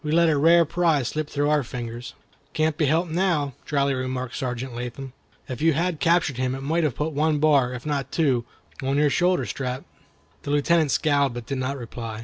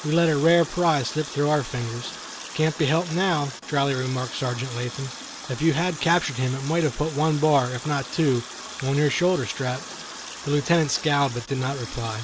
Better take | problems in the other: first | background sound (Water tap, faucet); 13 dB below the speech

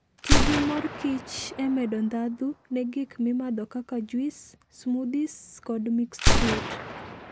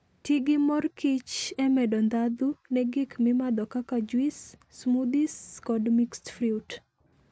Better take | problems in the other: second | background sound (Gunshot, gunfire); 1 dB above the speech

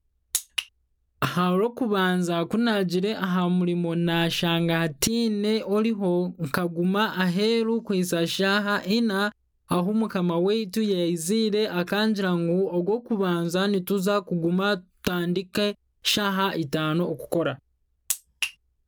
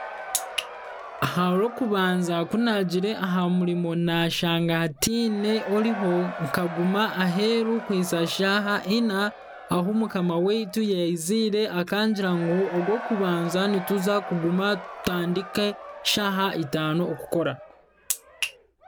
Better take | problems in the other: first | background sound (Crowd / Cheering); 14 dB below the speech

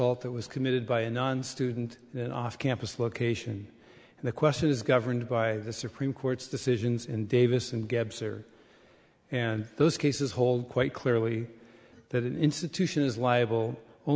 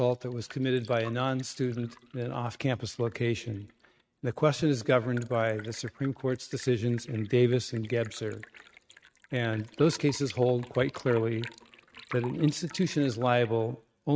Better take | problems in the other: first | noise reduction (neural mask model RNNoise)

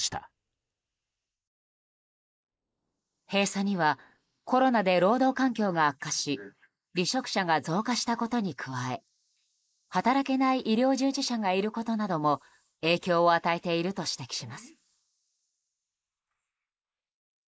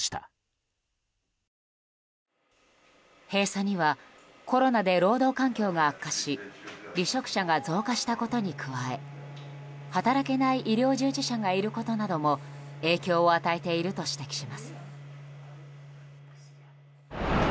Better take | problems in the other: second | noise reduction (neural mask model Resemble Enhance denoiser)

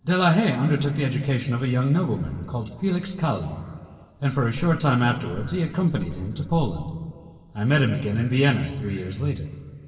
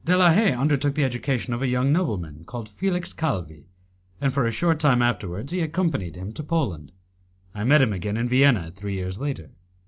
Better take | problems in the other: second | room echo; dies away in 2.2 s

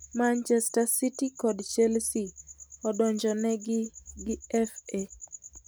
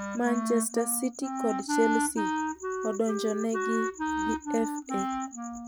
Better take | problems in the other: first | background sound (Wind instrument, woodwind instrument); 1 dB below the speech

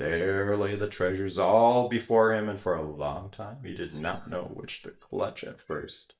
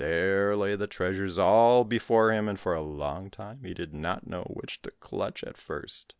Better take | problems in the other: second | noise reduction (neural mask model DeepFilterNet 3)

